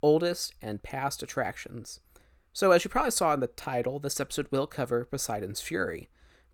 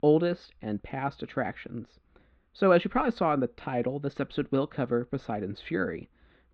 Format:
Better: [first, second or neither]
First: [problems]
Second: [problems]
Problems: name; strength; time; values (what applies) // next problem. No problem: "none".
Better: first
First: none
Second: muffled; very; fading above 3.5 kHz